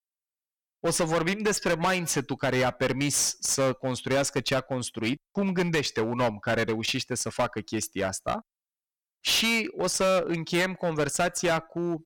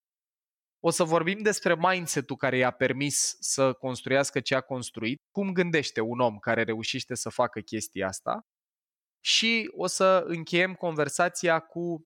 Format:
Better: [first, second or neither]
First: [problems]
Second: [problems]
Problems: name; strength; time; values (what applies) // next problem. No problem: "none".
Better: second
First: distortion; heavy; 11% of the sound clipped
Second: none